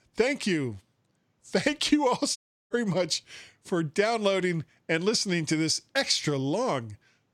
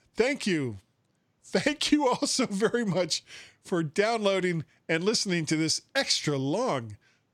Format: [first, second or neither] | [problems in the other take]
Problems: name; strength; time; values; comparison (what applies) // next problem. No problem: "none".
second | audio cutting out; at 2.5 s